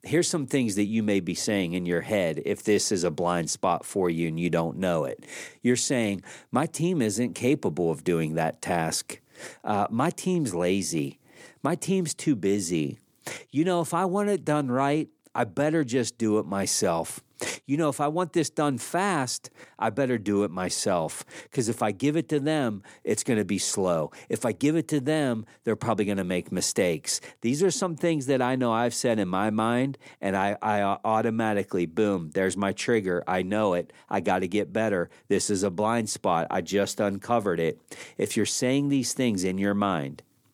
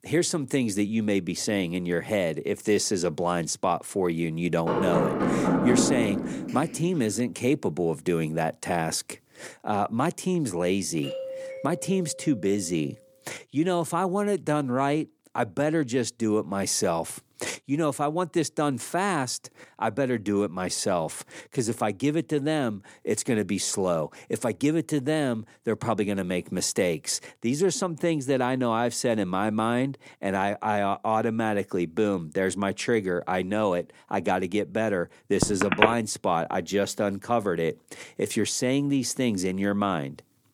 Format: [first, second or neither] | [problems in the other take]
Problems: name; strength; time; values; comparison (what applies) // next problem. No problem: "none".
first | door banging; loud; from 4.5 to 7 s; peak 4 dB above the speech // doorbell; noticeable; from 11 to 13 s; peak 8 dB below the speech // phone ringing; loud; at 35 s; peak 4 dB above the speech